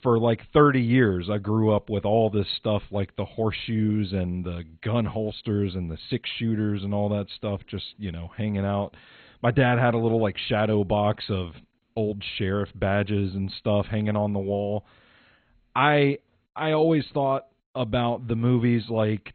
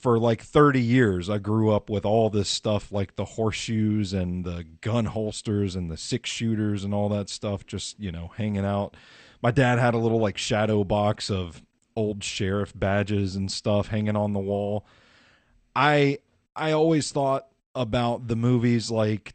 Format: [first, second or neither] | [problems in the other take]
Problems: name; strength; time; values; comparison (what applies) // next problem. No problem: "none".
second | garbled, watery; badly; nothing above 4 kHz; slightly in the second